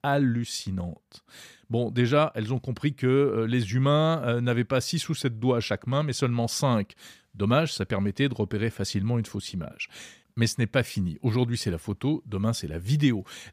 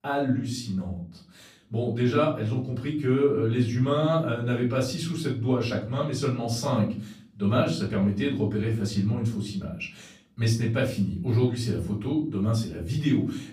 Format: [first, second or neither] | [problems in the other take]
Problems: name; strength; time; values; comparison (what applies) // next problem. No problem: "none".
first | off-mic speech; far // room echo; slight; dies away in 0.5 s